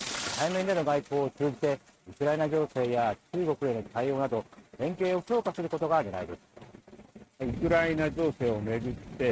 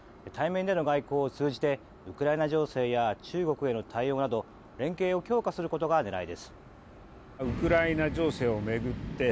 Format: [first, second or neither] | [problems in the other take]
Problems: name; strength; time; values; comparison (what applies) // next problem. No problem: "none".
second | noise reduction (neural mask model RNNoise)